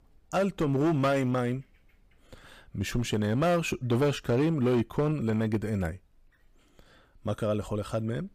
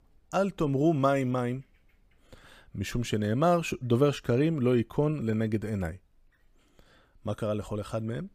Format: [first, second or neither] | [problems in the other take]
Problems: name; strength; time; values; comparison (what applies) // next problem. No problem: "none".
second | distortion; slight; 6% of the sound clipped